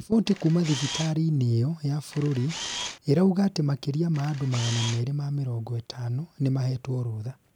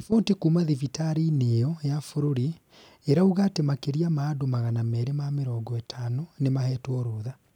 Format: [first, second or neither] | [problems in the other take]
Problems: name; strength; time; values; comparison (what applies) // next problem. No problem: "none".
second | background sound (Camera); 10 dB below the speech